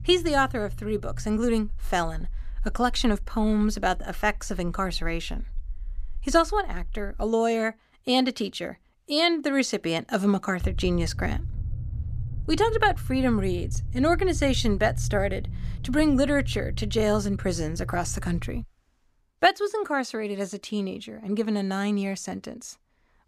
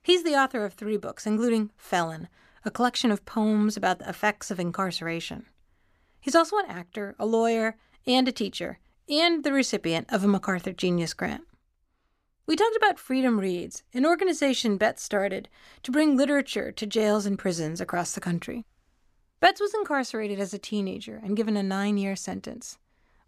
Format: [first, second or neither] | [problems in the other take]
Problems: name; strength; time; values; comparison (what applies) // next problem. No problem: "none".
second | low rumble; faint; until 7 s and from 11 to 19 s; 20 dB below the speech